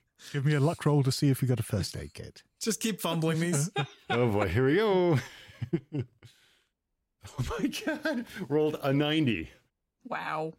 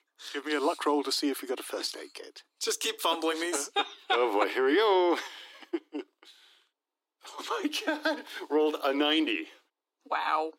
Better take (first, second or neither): first